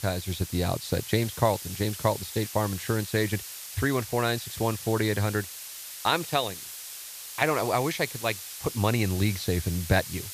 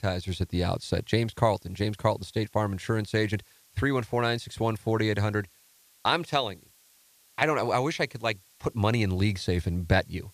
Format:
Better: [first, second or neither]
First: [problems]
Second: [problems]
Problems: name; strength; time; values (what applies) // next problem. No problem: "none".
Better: second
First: hiss; loud; throughout; 9 dB below the speech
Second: hiss; faint; throughout; 30 dB below the speech